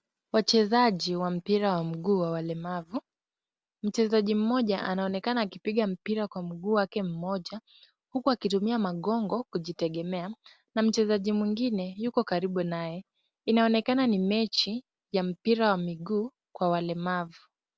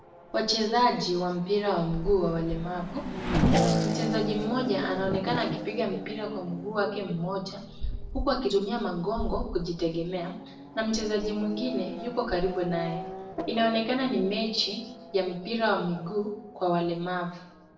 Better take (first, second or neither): first